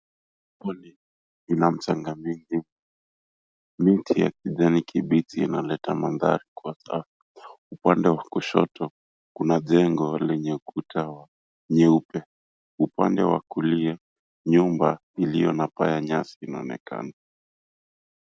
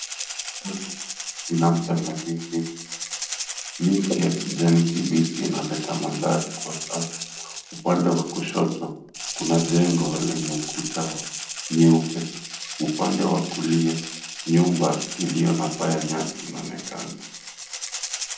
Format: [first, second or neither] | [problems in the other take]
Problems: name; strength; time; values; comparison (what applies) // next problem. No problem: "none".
first | background sound (Rattle (instrument)); 9 dB below the speech // room echo; dies away in 0.6 s